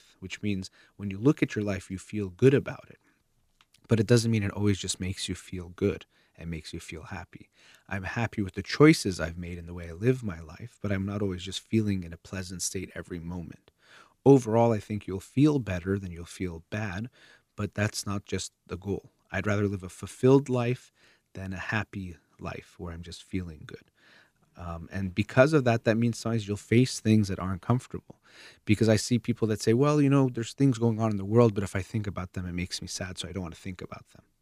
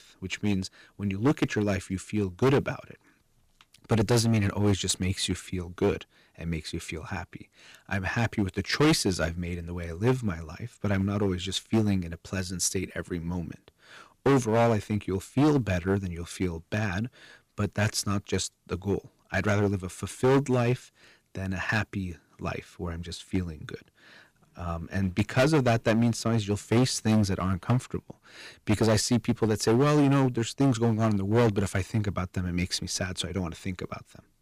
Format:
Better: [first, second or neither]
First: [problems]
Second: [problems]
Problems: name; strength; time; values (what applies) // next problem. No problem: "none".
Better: first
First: none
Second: distortion; heavy; 6% of the sound clipped